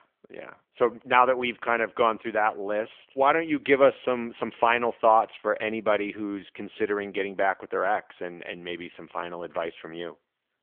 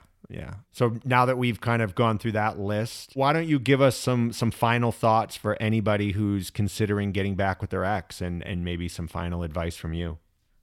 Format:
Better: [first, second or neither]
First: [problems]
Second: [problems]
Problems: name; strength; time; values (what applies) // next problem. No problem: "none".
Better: second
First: phone-call audio; nothing above 3.5 kHz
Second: none